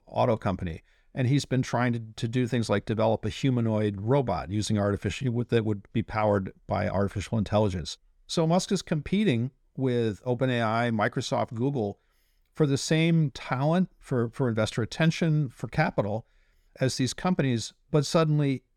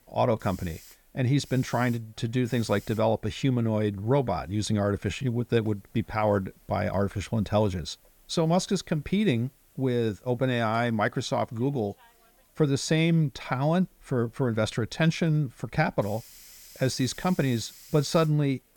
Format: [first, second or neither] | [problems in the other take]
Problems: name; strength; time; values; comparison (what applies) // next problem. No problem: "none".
first | hiss; faint; throughout; 25 dB below the speech